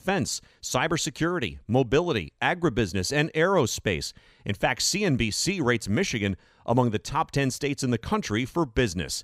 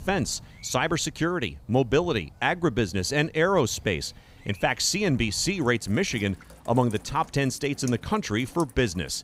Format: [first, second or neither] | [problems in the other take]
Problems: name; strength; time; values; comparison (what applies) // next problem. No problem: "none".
first | rain or running water; faint; throughout; 20 dB below the speech